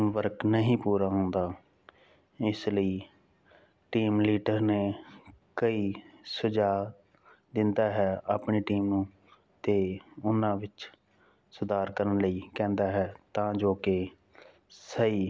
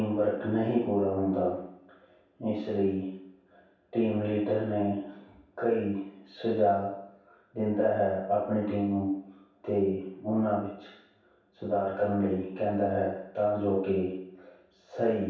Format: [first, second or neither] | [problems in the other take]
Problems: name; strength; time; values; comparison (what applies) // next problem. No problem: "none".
first | room echo; dies away in 0.7 s